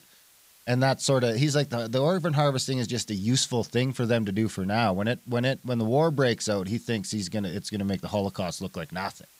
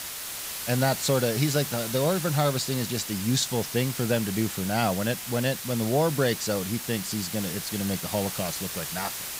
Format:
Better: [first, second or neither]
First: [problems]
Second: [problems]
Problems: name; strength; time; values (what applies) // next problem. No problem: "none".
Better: first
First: hiss; faint; throughout; 30 dB below the speech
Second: hiss; loud; throughout; 5 dB below the speech